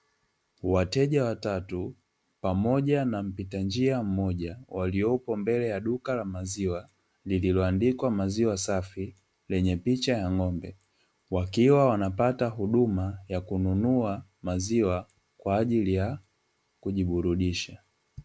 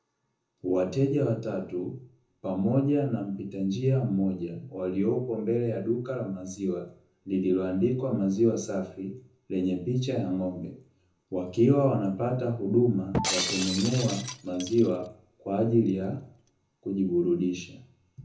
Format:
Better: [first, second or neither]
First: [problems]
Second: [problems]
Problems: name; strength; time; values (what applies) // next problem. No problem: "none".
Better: first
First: none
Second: background sound (Shatter); 7 dB below the speech // room echo; dies away in 0.6 s